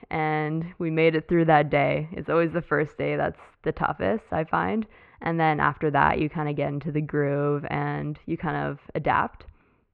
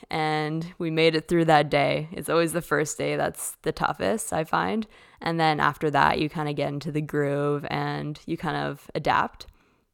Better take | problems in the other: second | muffled; very; fading above 2.5 kHz

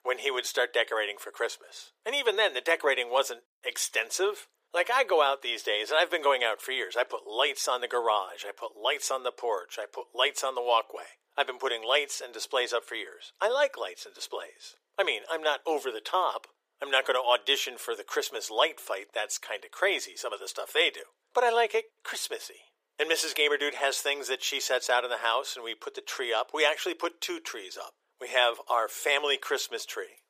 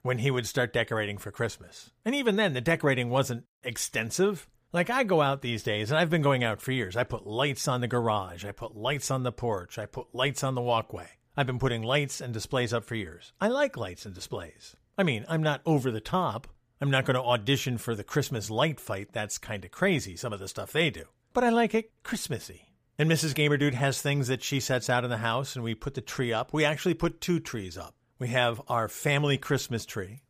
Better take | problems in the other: second | thin; very; fading below 400 Hz

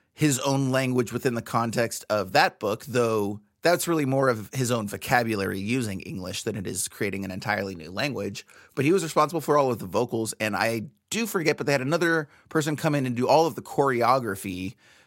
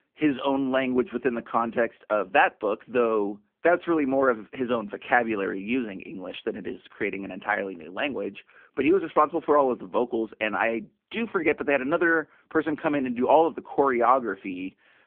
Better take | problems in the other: first | phone-call audio; poor line

